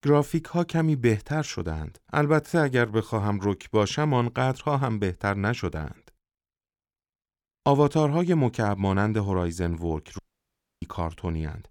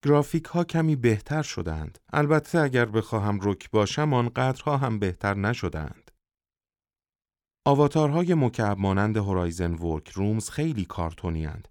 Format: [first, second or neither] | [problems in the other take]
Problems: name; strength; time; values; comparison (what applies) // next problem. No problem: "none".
second | audio cutting out; at 10 s for 0.5 s